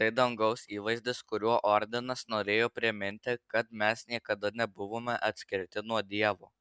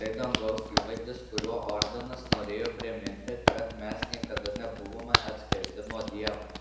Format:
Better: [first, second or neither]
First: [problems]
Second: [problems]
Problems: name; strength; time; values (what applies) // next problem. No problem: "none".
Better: first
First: none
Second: background sound (Hands); 3 dB above the speech // room echo; dies away in 1 s